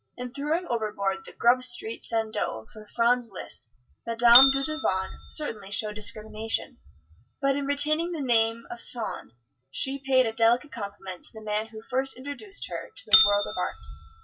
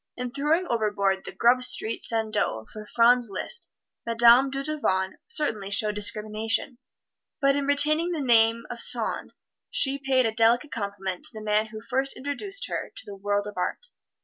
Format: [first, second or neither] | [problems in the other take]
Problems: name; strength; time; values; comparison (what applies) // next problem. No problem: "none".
second | noise reduction (classical method WPE with log-MMSE)